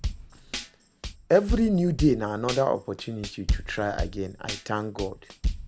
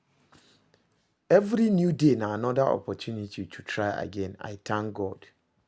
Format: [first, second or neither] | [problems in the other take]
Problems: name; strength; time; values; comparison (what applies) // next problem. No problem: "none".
second | background sound (Tambourine / Drum / Drum kit); 5 dB below the speech